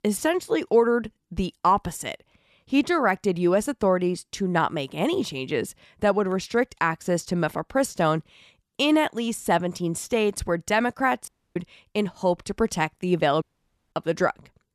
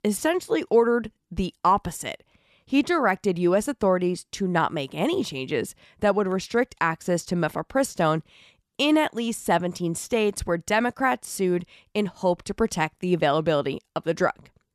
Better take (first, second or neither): second